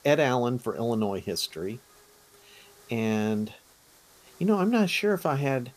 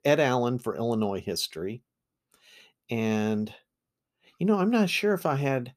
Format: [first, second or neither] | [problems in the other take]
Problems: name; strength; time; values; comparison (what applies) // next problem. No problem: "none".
second | hiss; faint; throughout; 25 dB below the speech